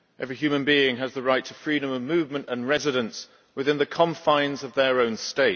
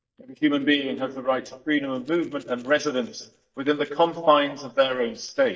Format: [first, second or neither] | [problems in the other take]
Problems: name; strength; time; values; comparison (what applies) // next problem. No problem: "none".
first | noise reduction (neural mask model DeepFilterNet 3)